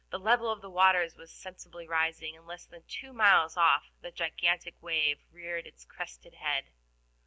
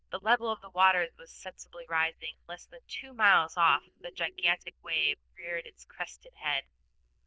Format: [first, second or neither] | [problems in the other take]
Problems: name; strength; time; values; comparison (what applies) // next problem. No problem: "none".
first | noise reduction (neural diffusion model UNIVERSE++)